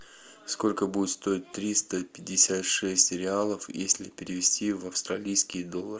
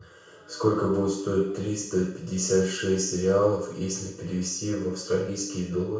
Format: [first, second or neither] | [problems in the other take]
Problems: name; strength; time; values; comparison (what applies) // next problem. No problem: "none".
first | room echo; dies away in 0.6 s